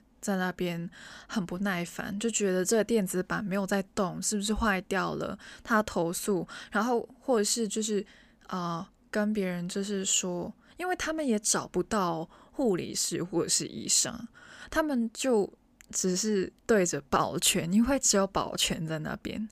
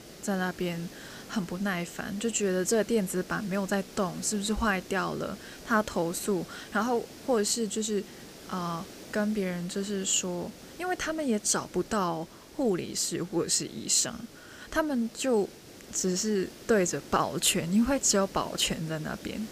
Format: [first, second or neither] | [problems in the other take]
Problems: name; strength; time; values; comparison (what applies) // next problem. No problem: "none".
first | hiss; noticeable; throughout; 15 dB below the speech